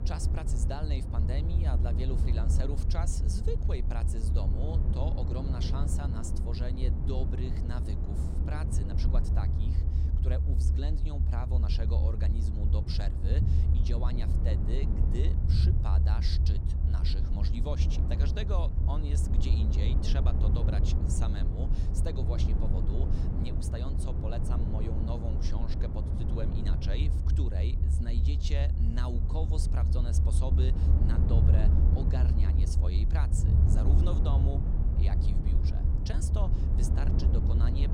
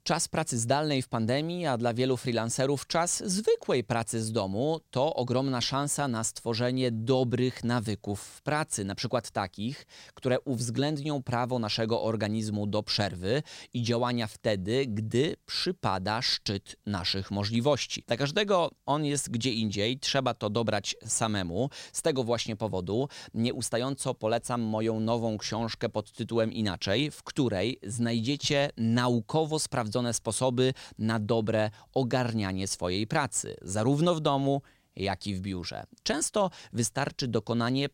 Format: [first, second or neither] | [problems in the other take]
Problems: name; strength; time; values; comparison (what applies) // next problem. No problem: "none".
second | low rumble; loud; throughout; 1 dB below the speech